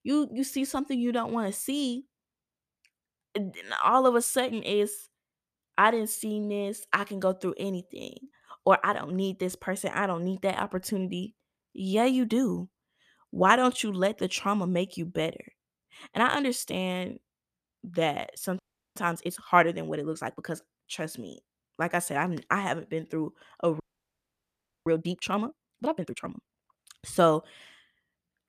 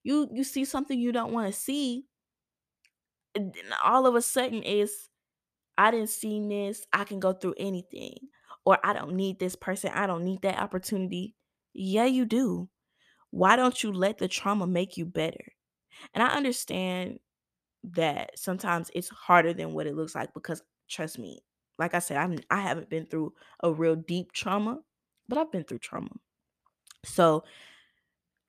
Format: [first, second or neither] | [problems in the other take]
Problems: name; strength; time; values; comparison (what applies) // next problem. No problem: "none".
second | audio freezing; at 19 s and at 24 s for 1 s